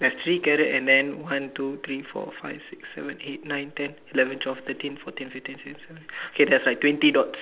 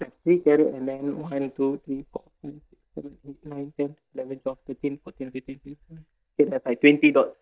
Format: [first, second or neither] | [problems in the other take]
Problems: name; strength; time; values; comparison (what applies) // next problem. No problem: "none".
first | noise reduction (neural mask model DeepFilterNet 3)